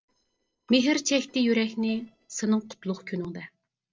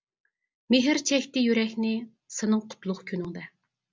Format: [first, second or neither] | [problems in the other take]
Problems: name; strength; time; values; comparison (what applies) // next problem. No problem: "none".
second | noise reduction (neural separator model SepFormer DNS4)